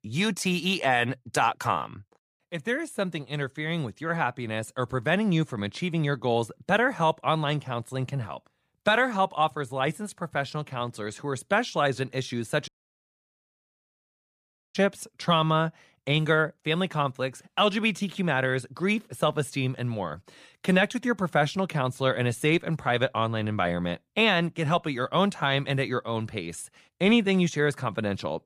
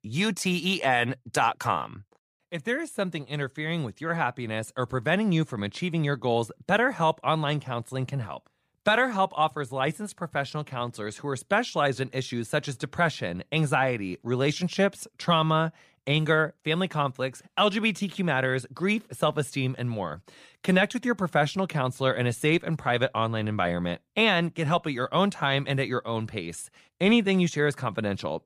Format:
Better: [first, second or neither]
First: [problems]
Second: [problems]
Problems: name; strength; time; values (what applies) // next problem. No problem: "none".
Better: second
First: audio cutting out; at 13 s for 2 s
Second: none